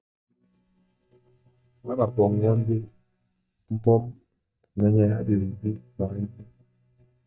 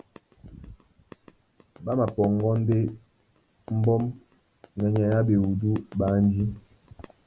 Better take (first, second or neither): second